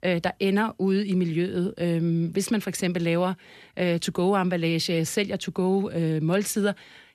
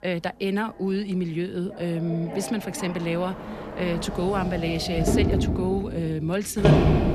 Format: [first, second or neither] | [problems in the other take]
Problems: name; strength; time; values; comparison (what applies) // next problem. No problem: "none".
first | traffic noise; very loud; throughout; 1 dB above the speech